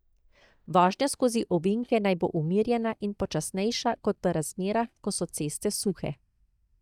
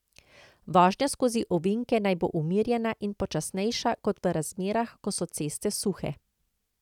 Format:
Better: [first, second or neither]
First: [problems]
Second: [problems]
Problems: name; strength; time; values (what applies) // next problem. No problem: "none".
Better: second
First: noise reduction (neural mask model DeepFilterNet 3)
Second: none